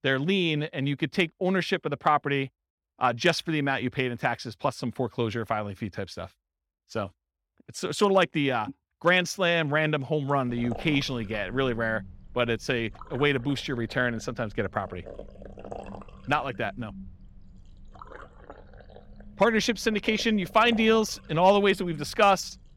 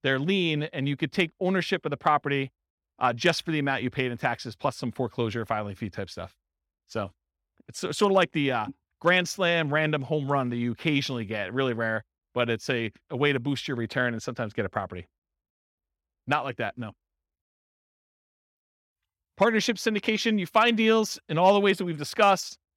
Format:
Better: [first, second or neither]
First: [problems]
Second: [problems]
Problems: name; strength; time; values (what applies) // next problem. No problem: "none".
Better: second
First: low rumble; faint; from 10 s on; 20 dB below the speech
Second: none